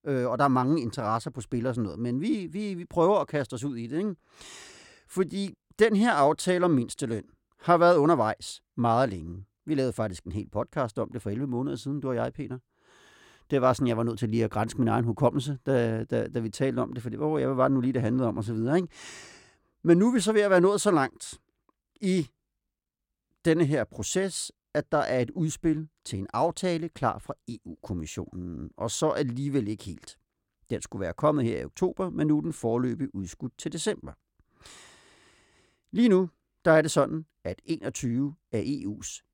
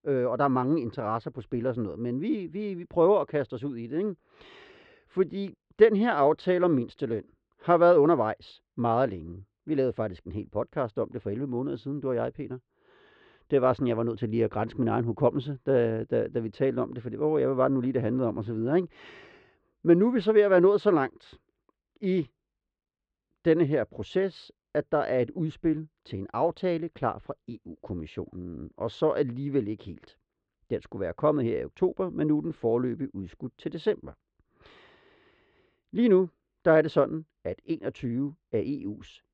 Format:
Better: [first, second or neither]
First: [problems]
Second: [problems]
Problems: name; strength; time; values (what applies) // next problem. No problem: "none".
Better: first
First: none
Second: muffled; very; fading above 3.5 kHz